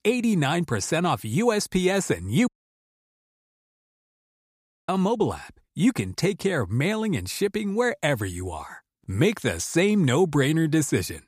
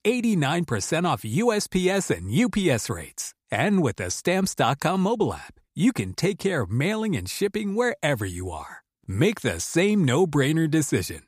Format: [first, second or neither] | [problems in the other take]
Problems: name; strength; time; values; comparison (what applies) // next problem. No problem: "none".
second | audio cutting out; at 2.5 s for 2.5 s